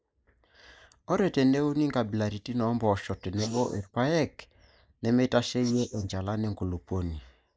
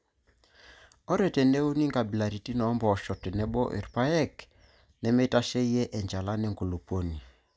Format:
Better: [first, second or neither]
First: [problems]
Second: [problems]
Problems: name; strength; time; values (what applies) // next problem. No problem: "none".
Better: second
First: noise reduction (neural mask model Resemble Enhance denoiser)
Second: none